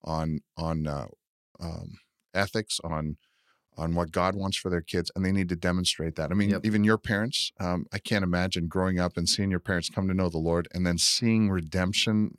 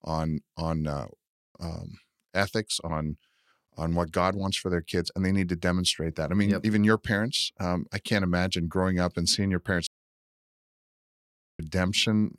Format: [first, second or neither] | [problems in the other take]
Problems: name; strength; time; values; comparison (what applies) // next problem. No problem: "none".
first | audio cutting out; at 10 s for 1.5 s